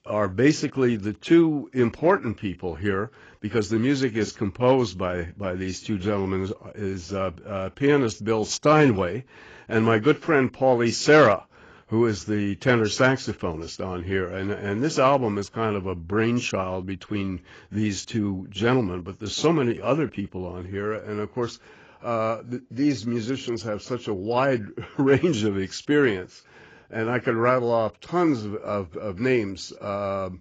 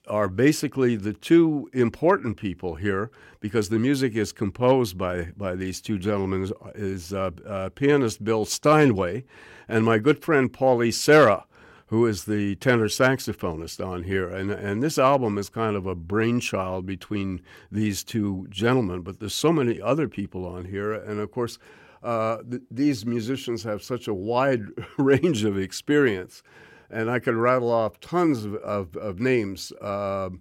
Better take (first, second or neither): second